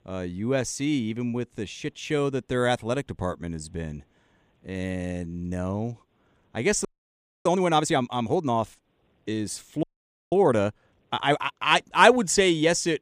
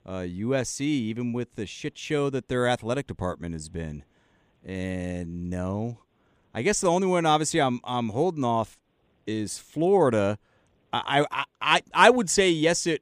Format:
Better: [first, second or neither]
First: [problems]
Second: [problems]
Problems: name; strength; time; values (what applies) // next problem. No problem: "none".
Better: second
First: audio freezing; at 7 s for 0.5 s and at 10 s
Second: none